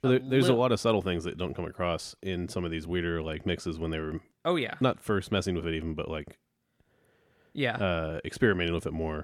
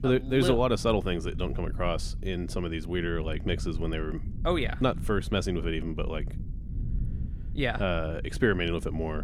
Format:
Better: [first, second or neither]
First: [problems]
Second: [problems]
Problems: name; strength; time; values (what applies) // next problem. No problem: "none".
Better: first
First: none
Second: low rumble; faint; throughout; 20 dB below the speech